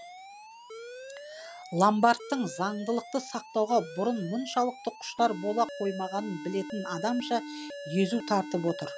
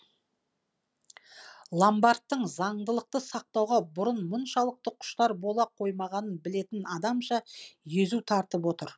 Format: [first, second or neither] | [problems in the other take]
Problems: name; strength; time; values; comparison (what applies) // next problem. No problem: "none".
second | background sound (Alarm); 12 dB below the speech